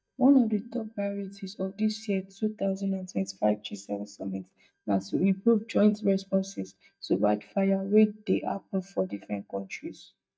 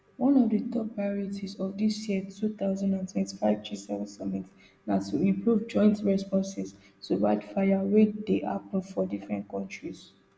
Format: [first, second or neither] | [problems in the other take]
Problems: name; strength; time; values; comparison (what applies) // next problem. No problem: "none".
second | noise reduction (neural mask model DeepFilterNet 3)